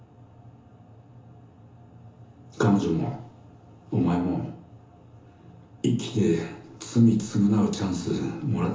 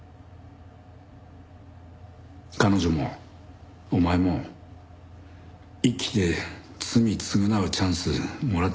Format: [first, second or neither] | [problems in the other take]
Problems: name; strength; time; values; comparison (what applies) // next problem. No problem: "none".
second | room echo; dies away in 0.8 s